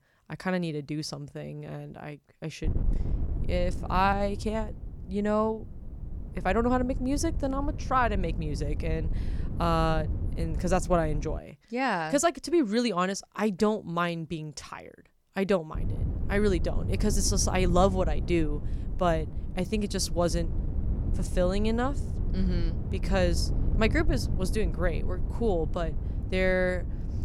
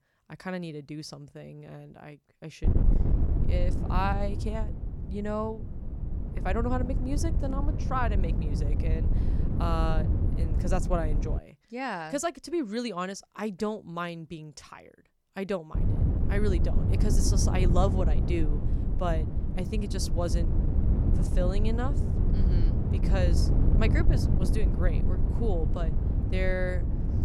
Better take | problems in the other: first | wind noise on the microphone; heavy; from 2.5 to 11 s and from 16 s on; 6 dB below the speech; occasional gusts in the first

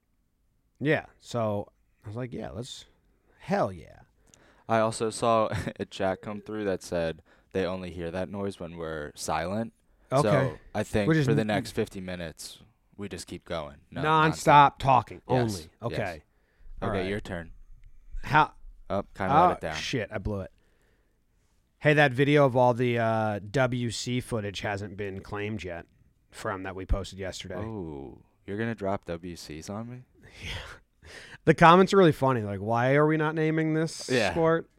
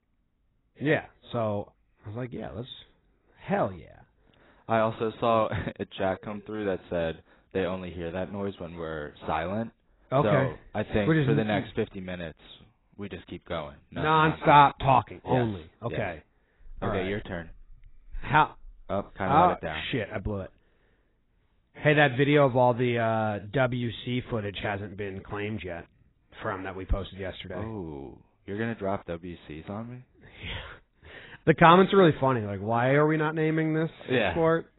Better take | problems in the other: first | garbled, watery; badly; nothing above 4 kHz

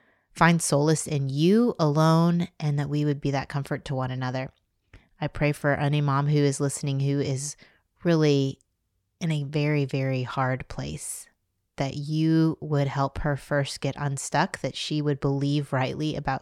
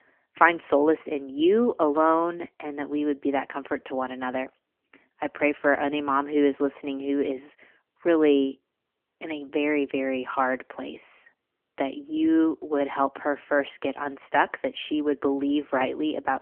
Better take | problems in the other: first | phone-call audio; nothing above 3.5 kHz

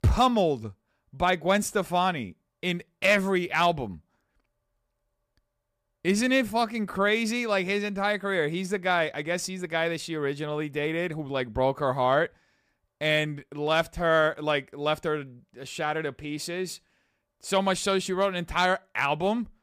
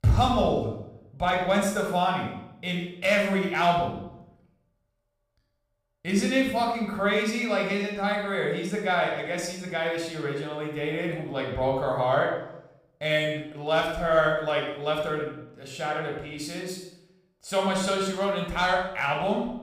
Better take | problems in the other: first | off-mic speech; somewhat distant // room echo; noticeable; dies away in 0.7 s

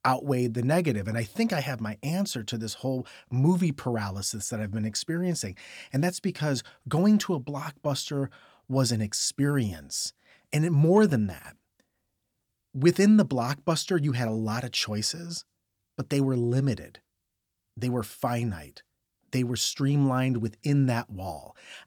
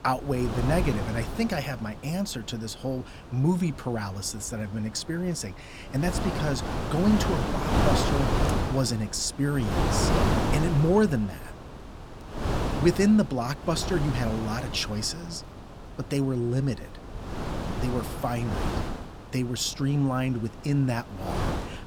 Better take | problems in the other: first | wind noise on the microphone; heavy; 1 dB below the speech

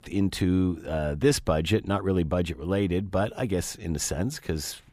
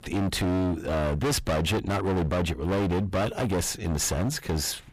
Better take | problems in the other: first | distortion; heavy; 34% of the sound clipped

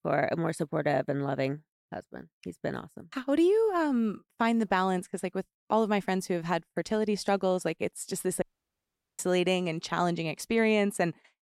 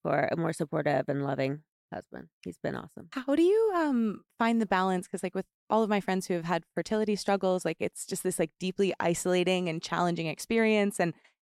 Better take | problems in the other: second | audio cutting out; at 8.5 s for 1 s

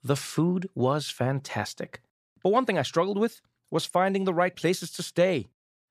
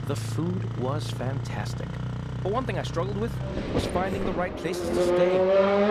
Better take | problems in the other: first | traffic noise; very loud; throughout; 4 dB above the speech

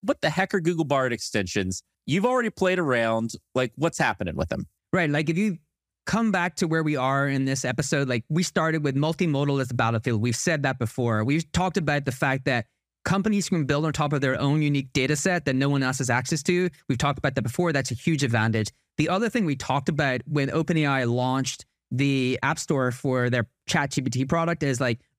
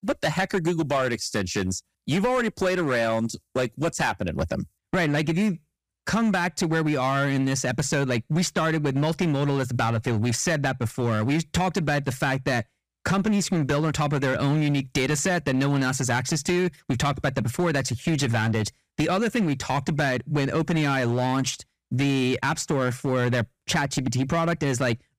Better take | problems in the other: first | distortion; slight; 10% of the sound clipped

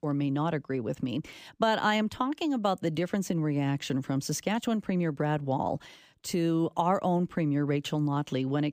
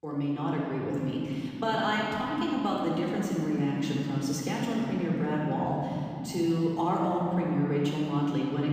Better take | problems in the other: first | off-mic speech; far // room echo; strong; dies away in 3 s

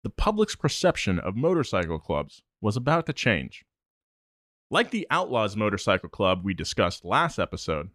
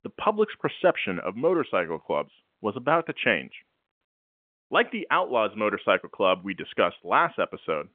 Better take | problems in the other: first | phone-call audio; nothing above 3.5 kHz

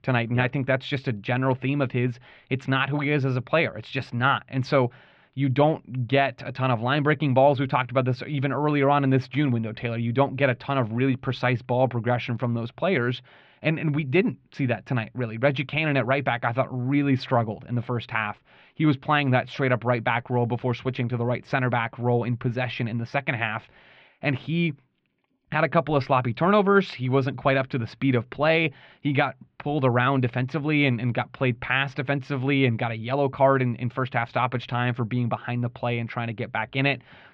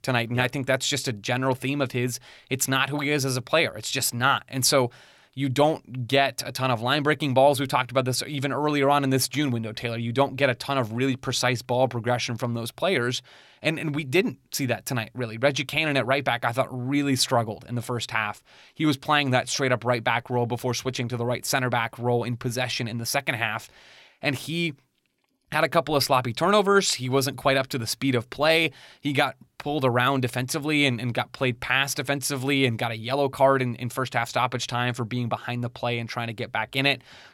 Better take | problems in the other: second | muffled; very; fading above 3 kHz

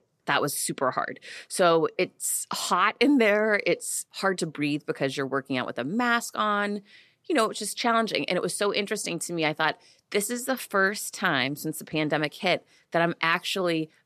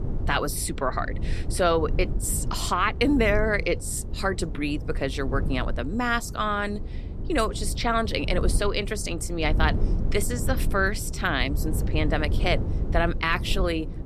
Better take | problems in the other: first | wind noise on the microphone; occasional gusts; 15 dB below the speech

